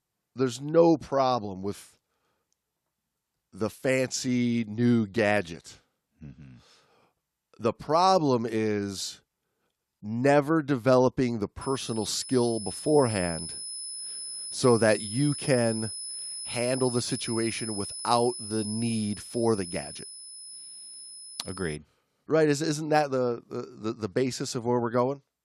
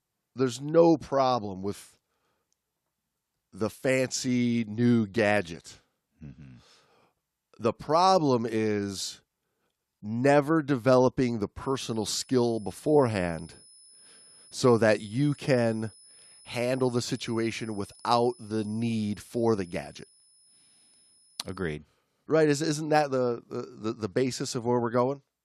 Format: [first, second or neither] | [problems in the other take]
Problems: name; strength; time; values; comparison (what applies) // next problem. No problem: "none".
second | high-pitched whine; loud; from 12 to 22 s; 10 kHz, 9 dB below the speech; faint in the second